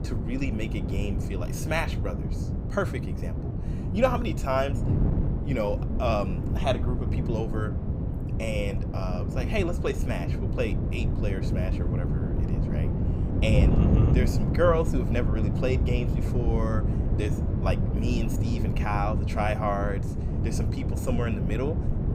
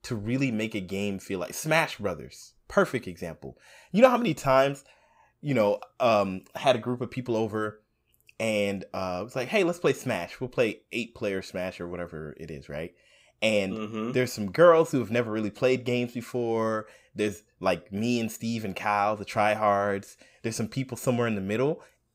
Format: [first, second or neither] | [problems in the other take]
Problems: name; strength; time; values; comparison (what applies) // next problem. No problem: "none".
second | wind noise on the microphone; heavy; 6 dB below the speech